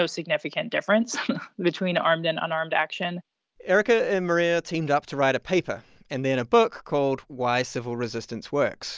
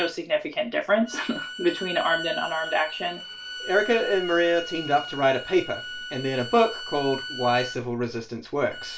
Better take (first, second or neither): first